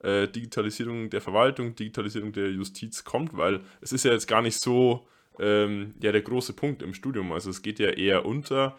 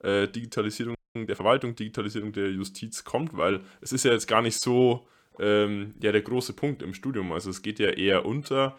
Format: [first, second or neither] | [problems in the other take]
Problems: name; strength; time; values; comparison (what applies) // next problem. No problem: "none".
first | audio freezing; at 1 s